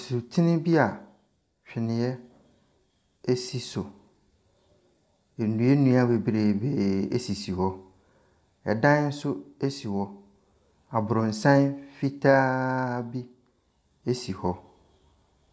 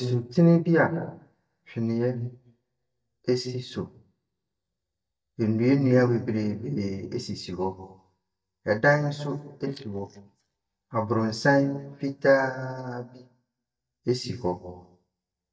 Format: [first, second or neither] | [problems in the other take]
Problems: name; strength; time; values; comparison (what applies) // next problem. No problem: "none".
first | noise reduction (neural mask model DeepFilterNet 3)